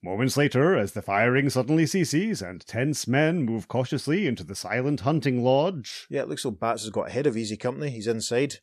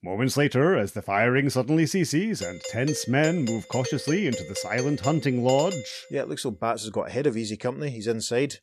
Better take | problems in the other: first | doorbell; noticeable; from 2.5 to 6 s; peak 8 dB below the speech

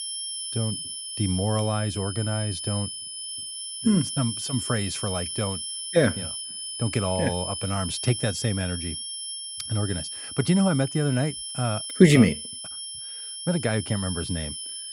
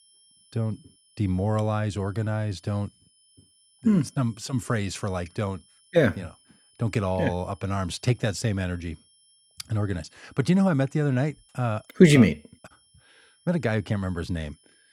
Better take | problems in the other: second | high-pitched whine; loud; throughout; 10 kHz, 6 dB below the speech; faint in the second

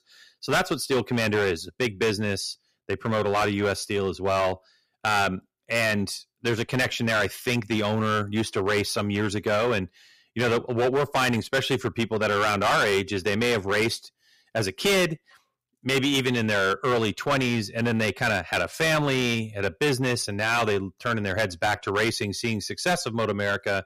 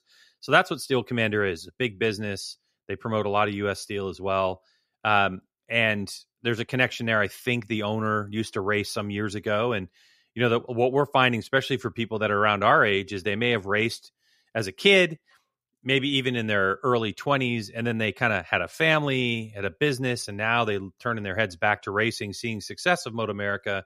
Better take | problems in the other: second | distortion; heavy; 11% of the sound clipped

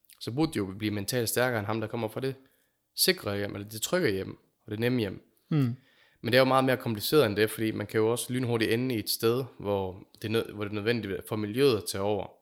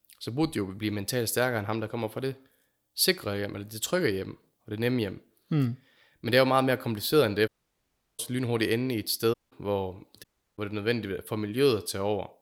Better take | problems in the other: first | audio cutting out; at 7.5 s for 0.5 s, at 9.5 s and at 10 s

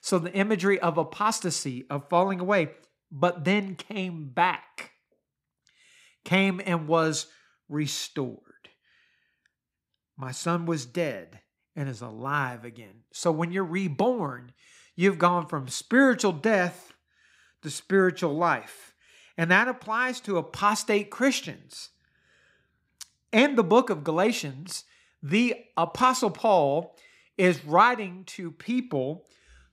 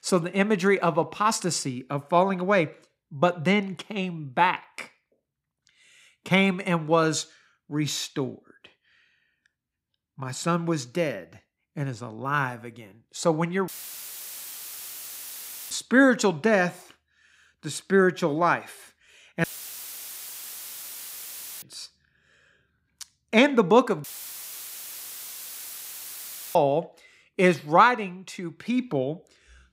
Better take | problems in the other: first | audio cutting out; filled with static; at 14 s for 2 s, at 19 s for 2 s and at 24 s for 2.5 s

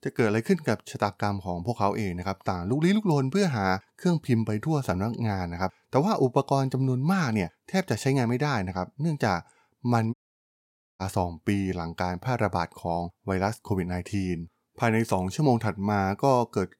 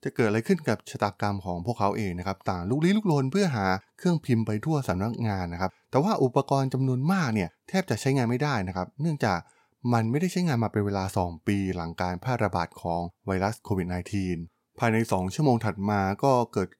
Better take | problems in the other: second | audio cutting out; at 10 s for 1 s

